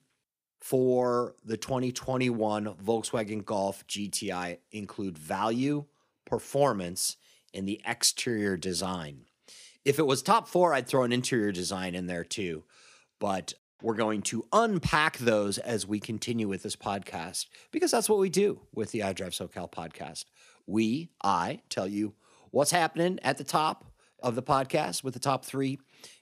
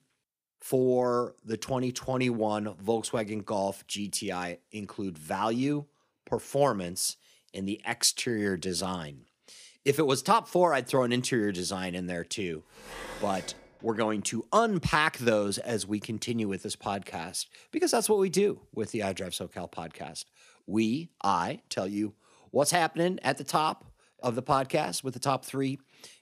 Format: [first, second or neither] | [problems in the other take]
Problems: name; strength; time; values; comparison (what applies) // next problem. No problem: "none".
first | clattering dishes; faint; from 13 to 14 s; peak 10 dB below the speech